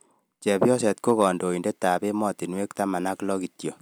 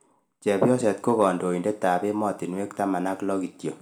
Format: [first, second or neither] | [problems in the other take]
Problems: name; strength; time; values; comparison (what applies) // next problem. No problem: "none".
first | room echo; dies away in 1.1 s